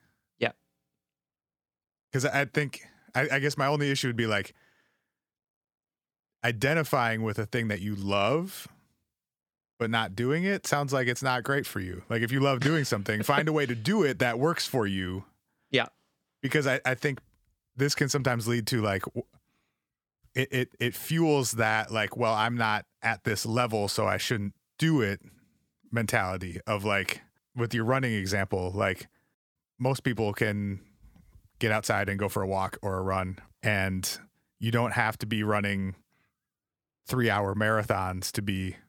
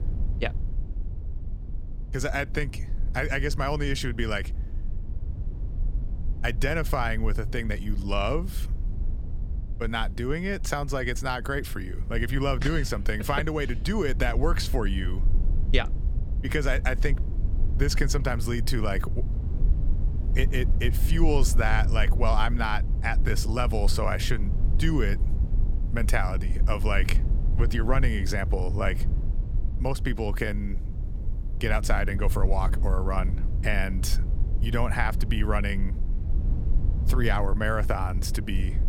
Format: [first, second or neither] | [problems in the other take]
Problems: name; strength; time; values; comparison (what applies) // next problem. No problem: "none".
first | low rumble; noticeable; throughout; 15 dB below the speech